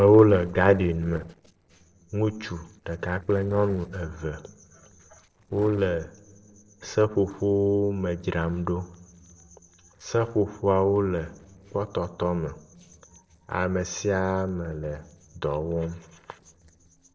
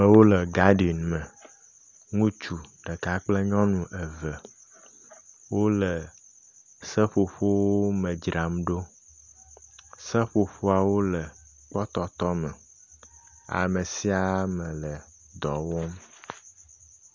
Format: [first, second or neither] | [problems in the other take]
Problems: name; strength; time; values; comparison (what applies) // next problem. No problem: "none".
second | noise reduction (neural separator model SepFormer DNS4)